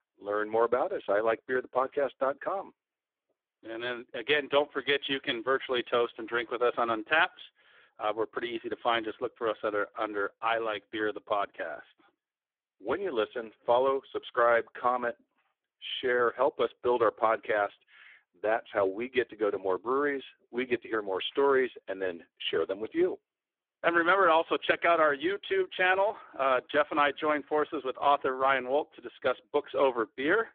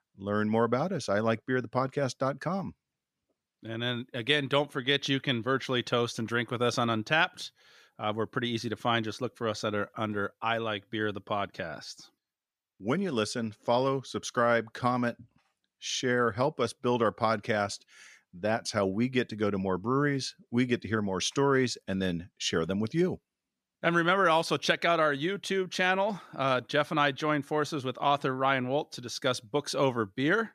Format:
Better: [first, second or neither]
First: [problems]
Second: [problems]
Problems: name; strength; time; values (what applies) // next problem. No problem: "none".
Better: second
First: phone-call audio; poor line; nothing above 3.5 kHz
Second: none